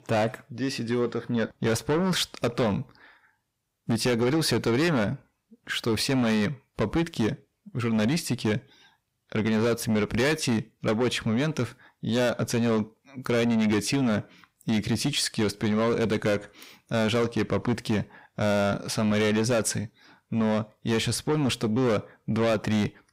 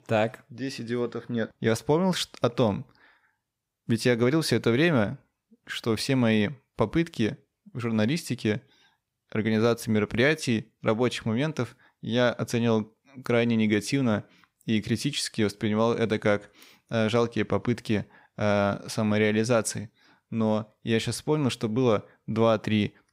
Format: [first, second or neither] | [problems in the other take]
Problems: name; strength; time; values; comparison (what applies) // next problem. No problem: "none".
second | distortion; heavy; 7 dB below the speech